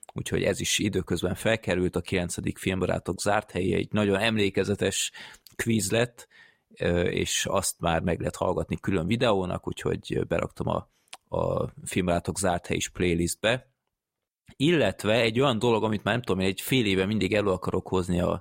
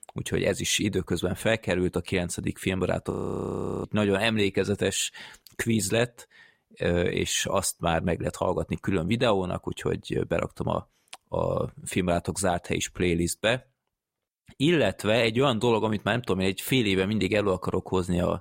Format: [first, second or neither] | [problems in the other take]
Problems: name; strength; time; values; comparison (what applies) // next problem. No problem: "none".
first | audio freezing; at 3 s for 0.5 s